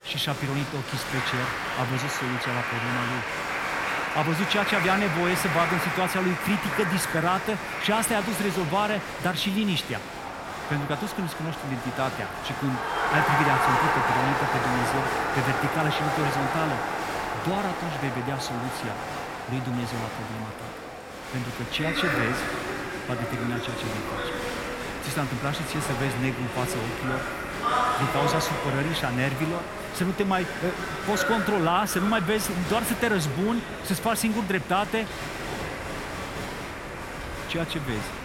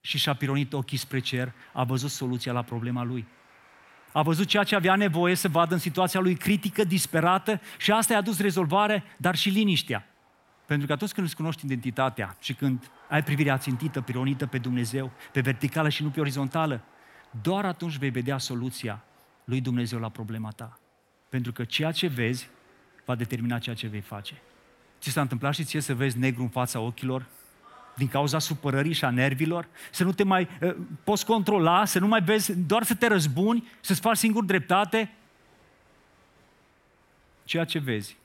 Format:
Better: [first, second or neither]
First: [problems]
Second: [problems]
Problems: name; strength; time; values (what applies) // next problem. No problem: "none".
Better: second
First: crowd noise; loud; throughout; 1 dB below the speech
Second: crowd noise; faint; throughout; 30 dB below the speech